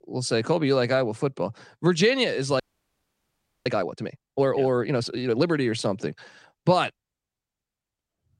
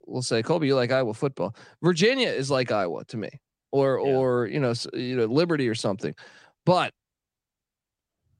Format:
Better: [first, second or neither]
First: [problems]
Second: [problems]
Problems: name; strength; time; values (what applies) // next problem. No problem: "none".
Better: second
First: audio freezing; at 2.5 s for 1 s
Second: none